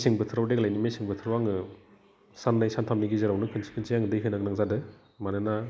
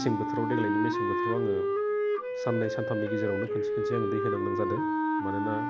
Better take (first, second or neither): first